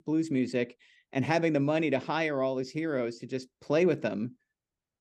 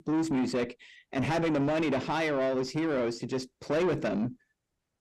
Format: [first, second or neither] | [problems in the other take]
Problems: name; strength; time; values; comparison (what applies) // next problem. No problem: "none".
first | distortion; heavy; 7 dB below the speech